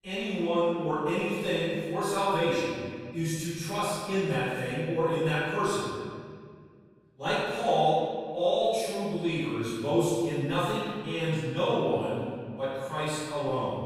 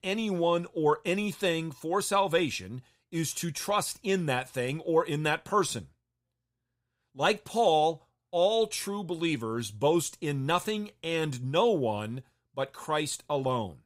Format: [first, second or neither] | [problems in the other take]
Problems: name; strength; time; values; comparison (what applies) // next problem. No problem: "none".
second | off-mic speech; far // room echo; strong; dies away in 1.8 s